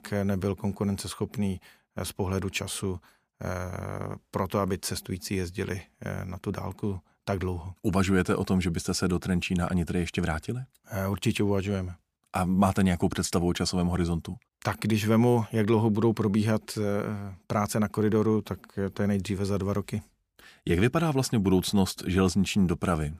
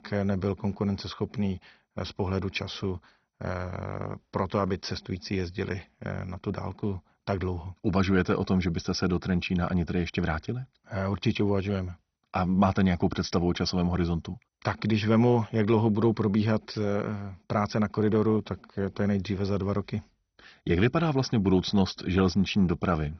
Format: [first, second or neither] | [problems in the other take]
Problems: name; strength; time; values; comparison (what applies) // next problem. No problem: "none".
first | garbled, watery; badly; nothing above 6 kHz